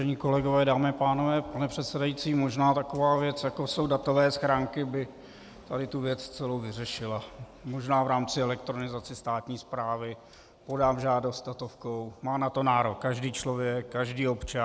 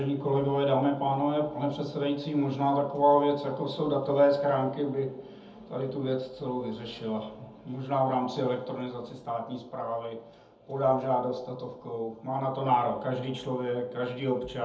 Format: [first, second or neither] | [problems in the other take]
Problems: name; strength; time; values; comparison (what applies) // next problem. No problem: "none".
first | room echo; dies away in 0.6 s